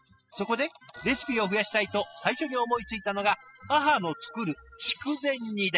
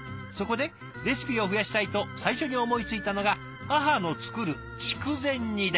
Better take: second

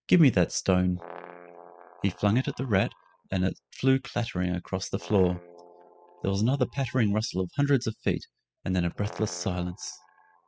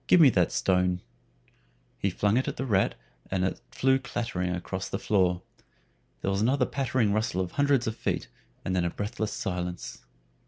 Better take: second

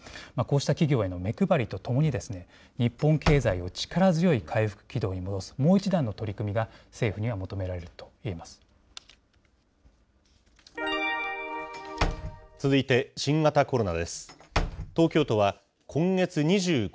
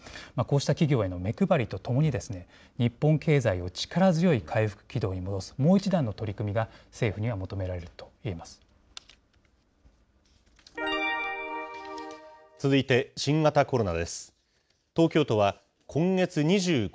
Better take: second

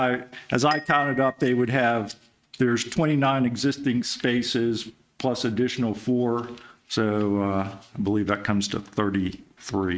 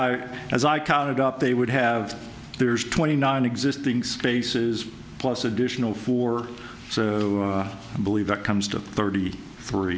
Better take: second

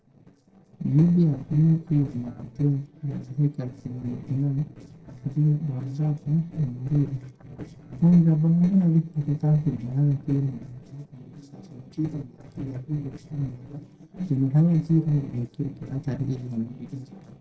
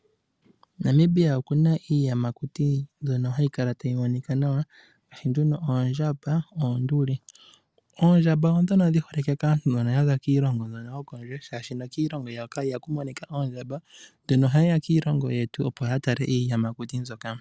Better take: second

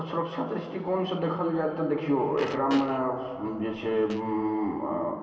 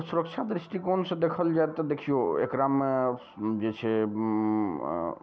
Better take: second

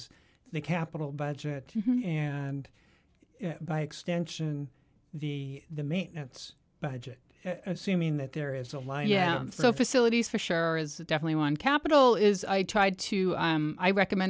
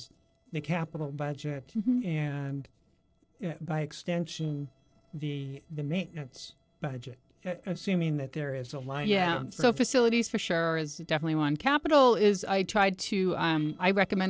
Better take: first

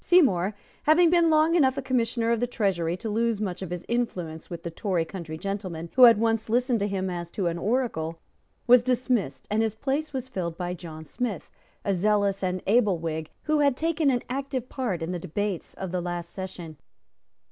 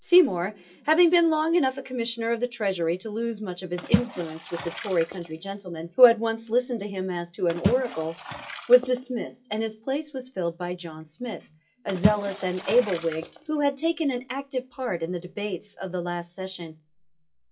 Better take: first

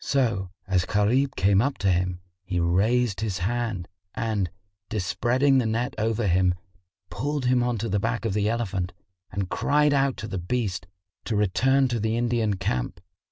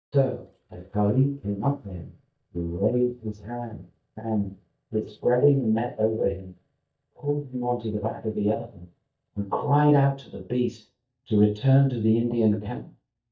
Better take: first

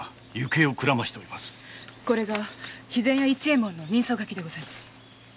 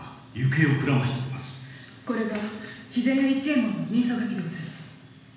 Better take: first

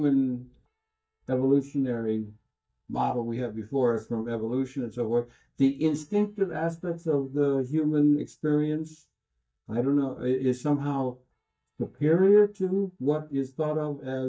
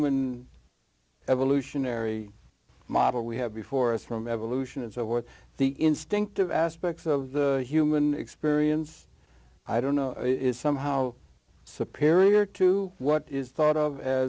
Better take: second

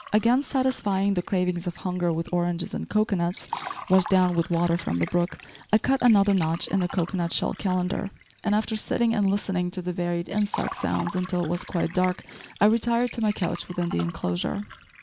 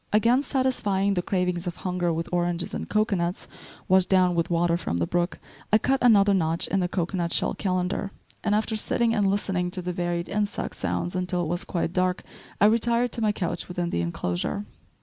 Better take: second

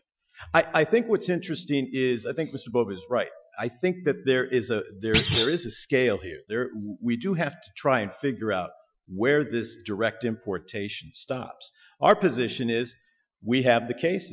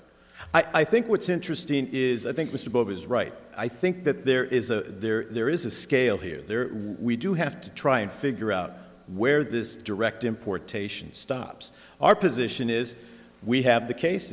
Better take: second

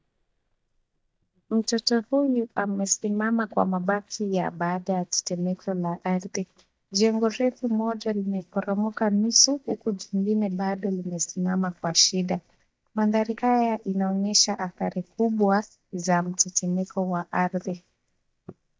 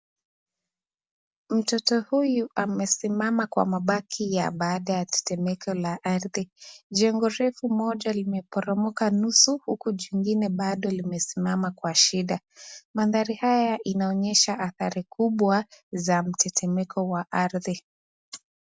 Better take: second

